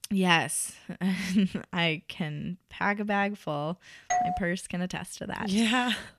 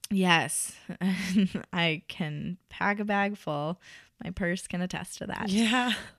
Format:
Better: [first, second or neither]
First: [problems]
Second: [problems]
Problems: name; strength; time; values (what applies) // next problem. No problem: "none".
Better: second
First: doorbell; loud; at 4 s; peak level with the speech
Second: none